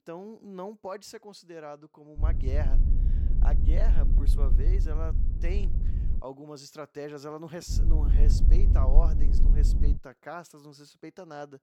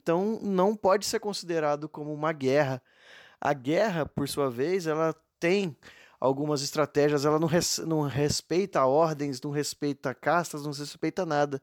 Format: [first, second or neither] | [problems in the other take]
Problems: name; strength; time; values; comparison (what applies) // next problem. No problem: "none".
second | wind noise on the microphone; heavy; from 2 to 6 s and from 7.5 to 10 s; 5 dB below the speech